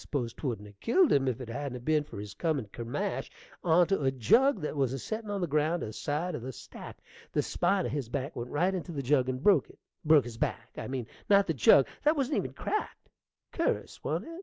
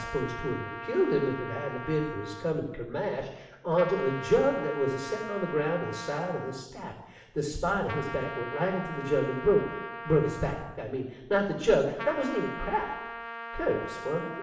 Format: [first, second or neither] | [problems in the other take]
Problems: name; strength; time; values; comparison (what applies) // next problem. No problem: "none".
first | background sound (Trumpet); 11 dB below the speech // room echo; dies away in 0.9 s